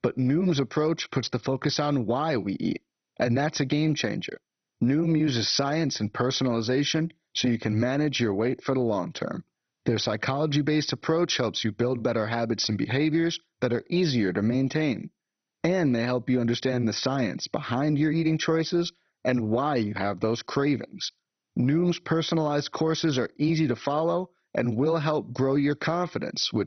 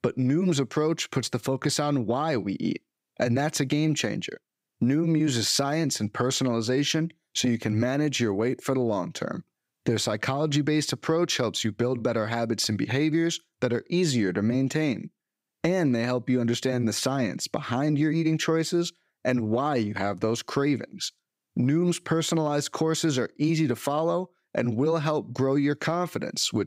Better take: second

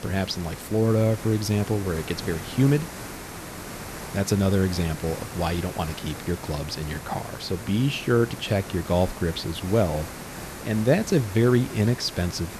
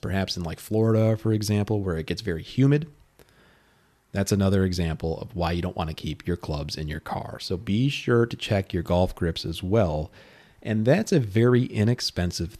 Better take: second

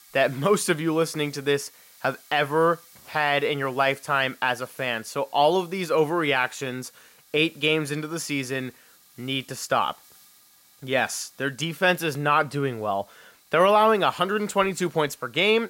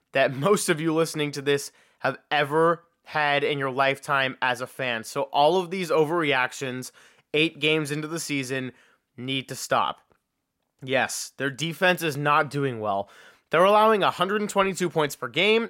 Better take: second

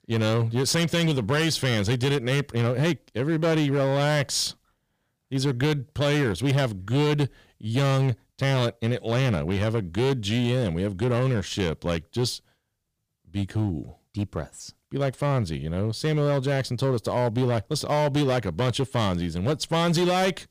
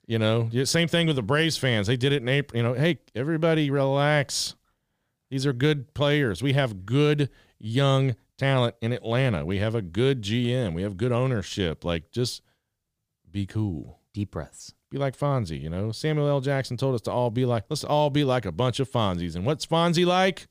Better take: second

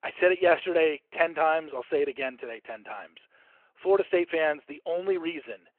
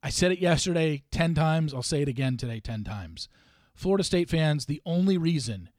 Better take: second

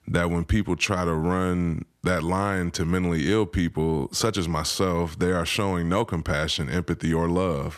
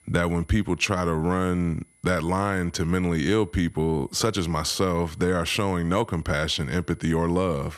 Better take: first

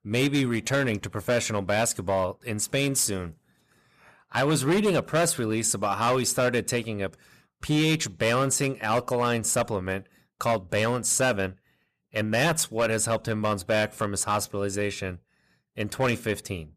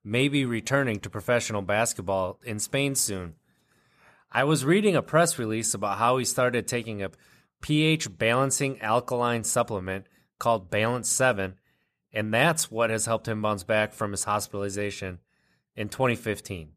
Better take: second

